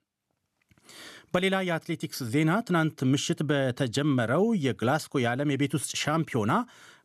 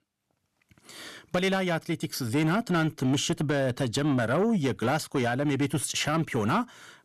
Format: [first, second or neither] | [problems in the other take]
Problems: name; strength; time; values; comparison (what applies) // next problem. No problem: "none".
first | distortion; slight; 10 dB below the speech